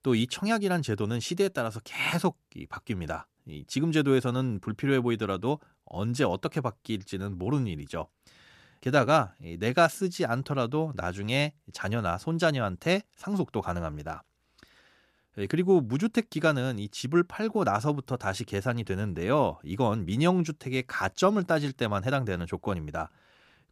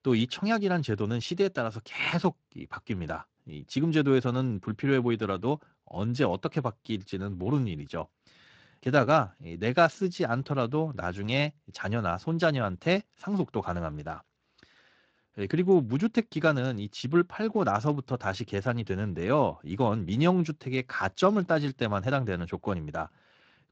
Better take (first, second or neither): first